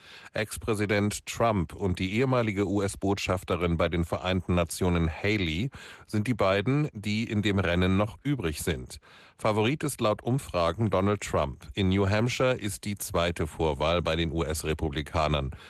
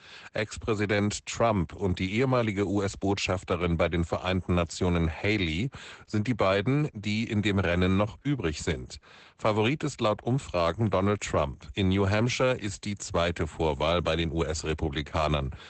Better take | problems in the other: first | garbled, watery; badly; nothing above 8 kHz; slightly in the first

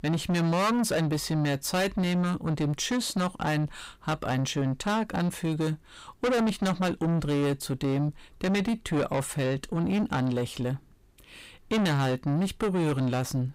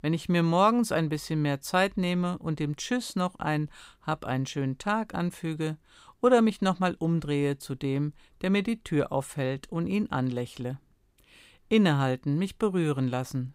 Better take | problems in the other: second | distortion; heavy; 6 dB below the speech

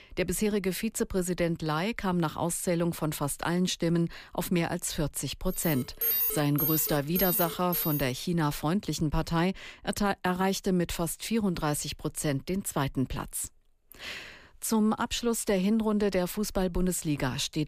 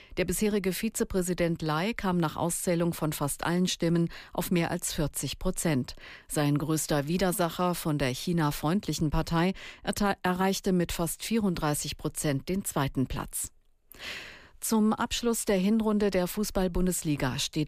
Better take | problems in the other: second | alarm; loud; from 5.5 to 8 s; peak 5 dB above the speech

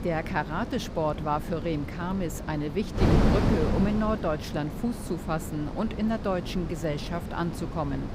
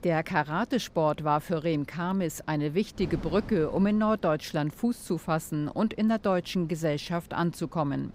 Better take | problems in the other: second | wind noise on the microphone; heavy; 5 dB below the speech; occasional gusts in the second

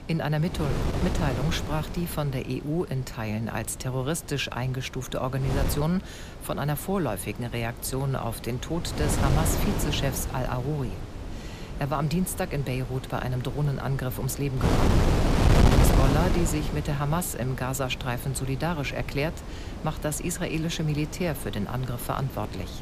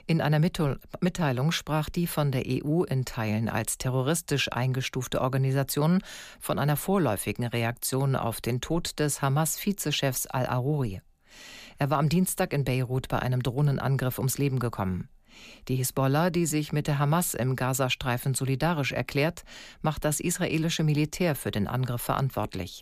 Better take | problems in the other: second | wind noise on the microphone; heavy; 3 dB below the speech

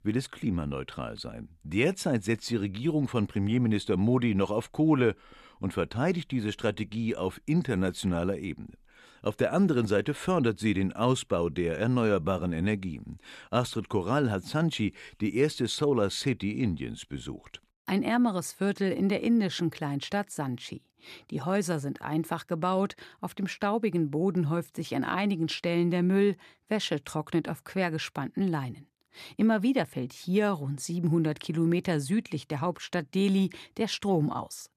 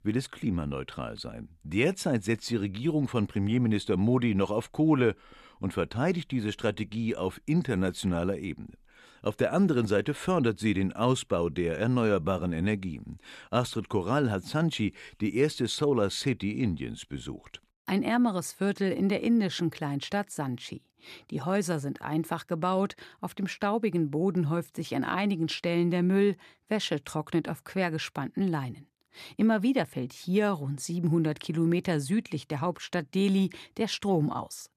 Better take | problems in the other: neither | none

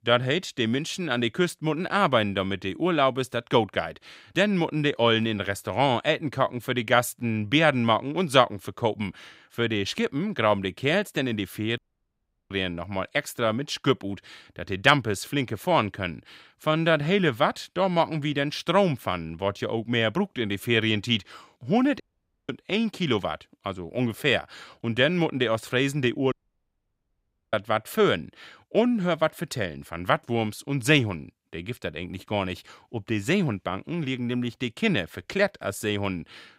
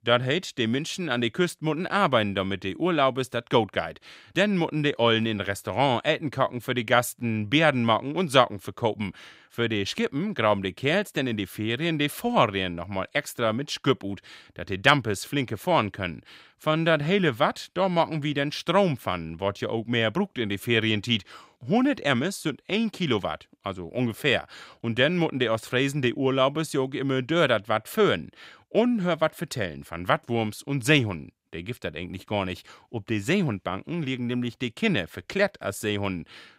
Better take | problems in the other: second | audio cutting out; at 12 s for 0.5 s, at 22 s and at 26 s for 1 s

